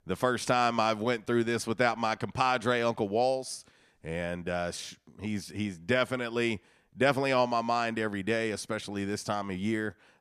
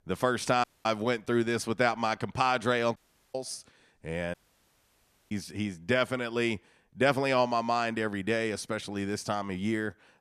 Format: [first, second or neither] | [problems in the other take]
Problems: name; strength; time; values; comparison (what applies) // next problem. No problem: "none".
first | audio cutting out; at 0.5 s, at 3 s and at 4.5 s for 1 s